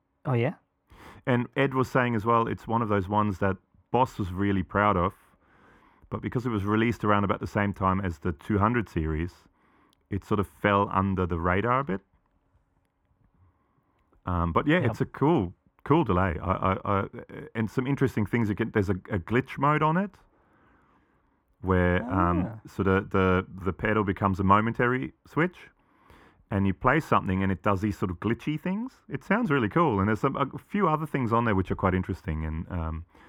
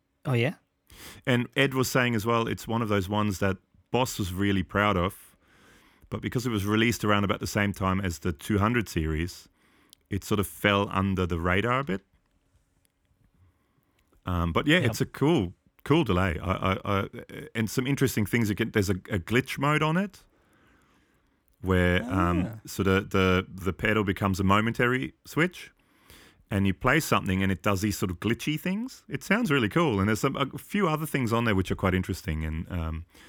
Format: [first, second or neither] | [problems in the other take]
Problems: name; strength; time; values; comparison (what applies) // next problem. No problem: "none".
second | muffled; very; fading above 3 kHz